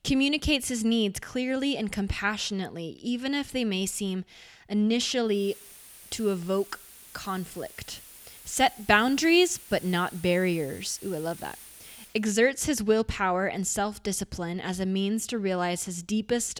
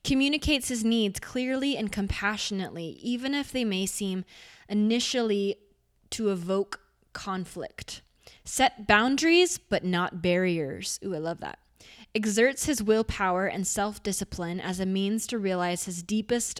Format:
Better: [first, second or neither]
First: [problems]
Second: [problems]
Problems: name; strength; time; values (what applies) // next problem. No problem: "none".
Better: second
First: hiss; noticeable; from 5.5 to 12 s; 20 dB below the speech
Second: none